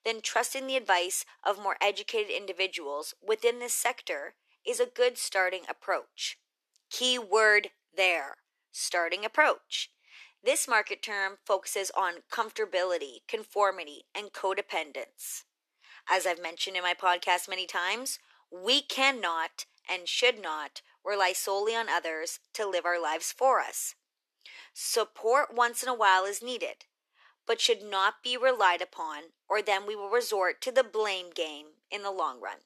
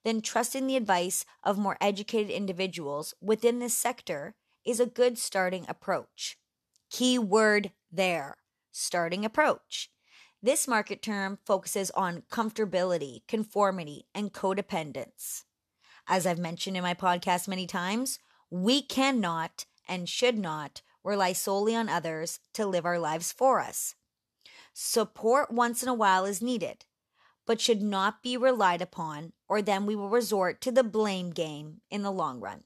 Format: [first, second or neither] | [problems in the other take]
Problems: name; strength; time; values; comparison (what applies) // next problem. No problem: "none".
second | thin; very; fading below 300 Hz